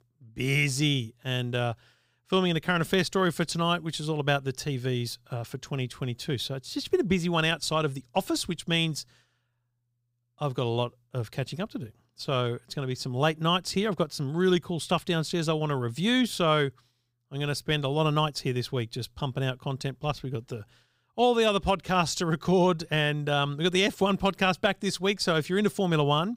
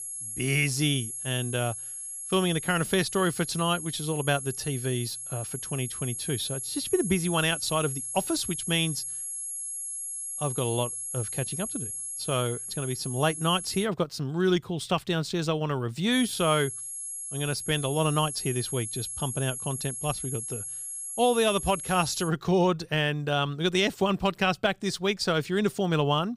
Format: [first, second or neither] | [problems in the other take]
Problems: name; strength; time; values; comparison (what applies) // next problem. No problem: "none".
first | high-pitched whine; loud; until 14 s and from 16 to 22 s; 11 kHz, 6 dB below the speech